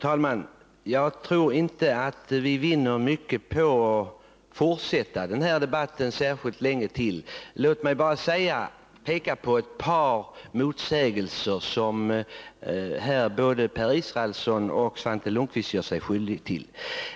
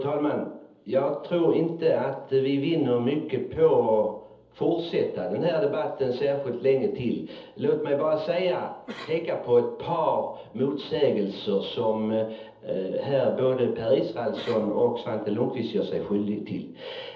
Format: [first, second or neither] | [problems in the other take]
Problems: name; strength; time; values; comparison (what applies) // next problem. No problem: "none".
first | noise reduction (neural separator model SepFormer DNS4)